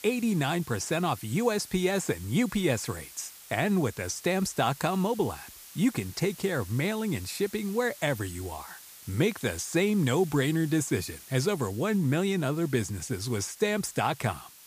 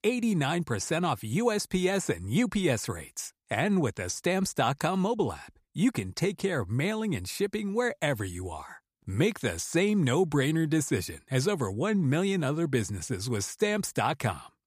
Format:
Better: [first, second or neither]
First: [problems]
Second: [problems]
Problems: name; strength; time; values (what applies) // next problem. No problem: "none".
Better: second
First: hiss; noticeable; throughout; 15 dB below the speech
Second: none